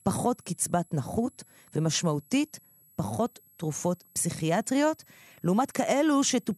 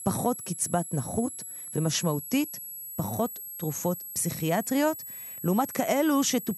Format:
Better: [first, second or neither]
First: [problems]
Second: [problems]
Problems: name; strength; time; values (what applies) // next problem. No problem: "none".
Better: first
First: high-pitched whine; faint; throughout; 11.5 kHz, 30 dB below the speech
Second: high-pitched whine; loud; throughout; 11.5 kHz, 8 dB below the speech